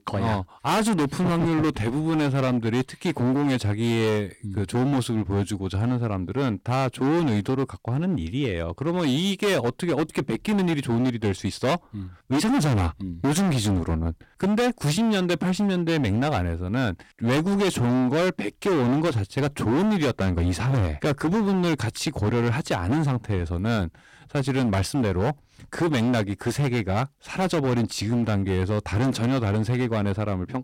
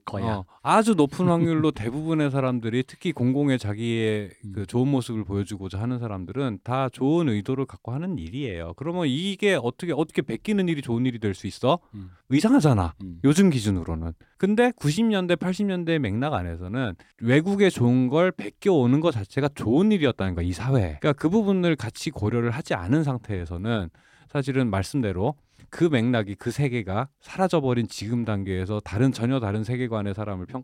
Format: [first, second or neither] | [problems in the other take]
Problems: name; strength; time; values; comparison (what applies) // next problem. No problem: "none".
second | distortion; heavy; 22% of the sound clipped